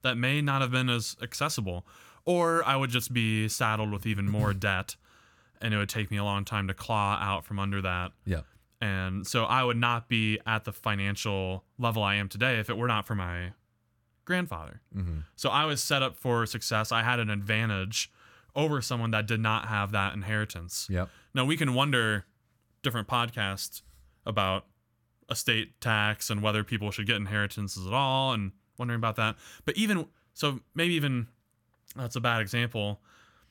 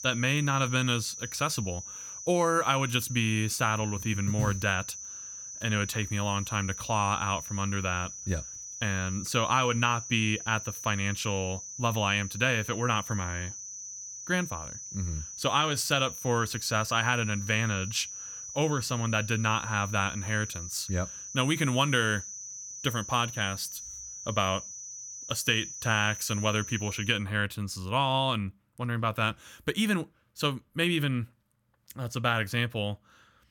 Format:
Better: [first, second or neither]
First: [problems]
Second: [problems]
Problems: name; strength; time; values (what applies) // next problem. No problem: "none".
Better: first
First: none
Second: high-pitched whine; loud; until 27 s; 6 kHz, 9 dB below the speech